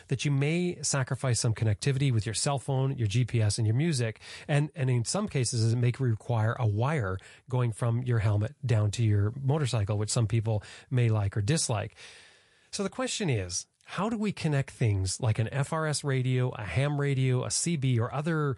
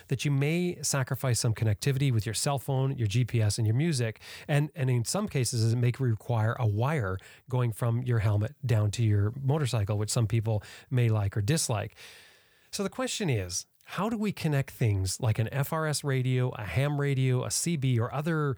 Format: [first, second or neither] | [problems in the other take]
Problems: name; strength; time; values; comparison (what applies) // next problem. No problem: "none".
second | garbled, watery; slightly; nothing above 9.5 kHz